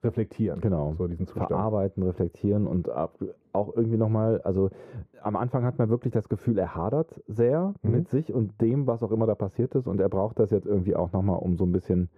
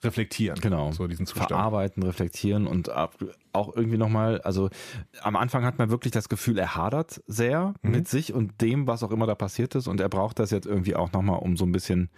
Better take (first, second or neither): second